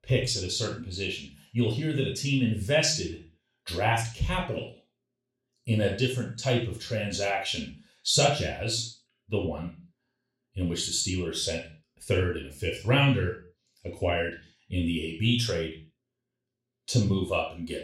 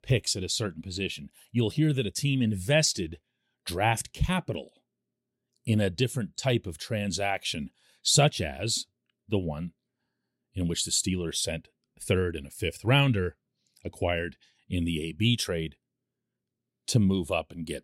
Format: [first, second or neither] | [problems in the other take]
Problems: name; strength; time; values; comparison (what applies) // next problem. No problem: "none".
second | room echo; noticeable; dies away in 0.3 s // off-mic speech; far